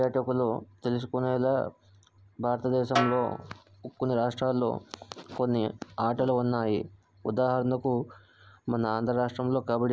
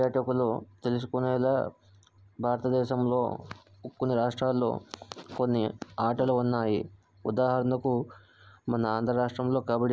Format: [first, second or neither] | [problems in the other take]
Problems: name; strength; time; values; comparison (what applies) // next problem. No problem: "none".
second | background sound (Snare drum); 7 dB below the speech